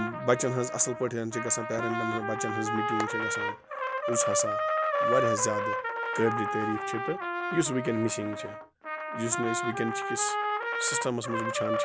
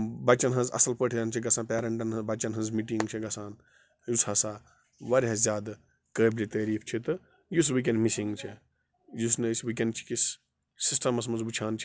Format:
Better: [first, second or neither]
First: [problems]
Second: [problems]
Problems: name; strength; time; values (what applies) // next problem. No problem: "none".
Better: second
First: background sound (Trumpet); as loud as the speech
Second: none